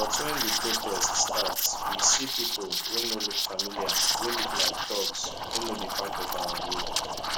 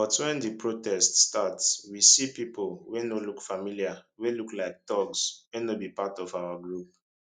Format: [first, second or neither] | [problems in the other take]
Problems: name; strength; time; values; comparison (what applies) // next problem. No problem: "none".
second | background sound (Liquid); 4 dB above the speech